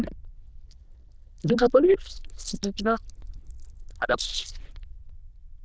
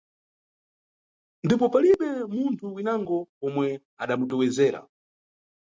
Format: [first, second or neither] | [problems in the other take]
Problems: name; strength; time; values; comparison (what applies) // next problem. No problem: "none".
second | noise reduction (neural diffusion model UNIVERSE++)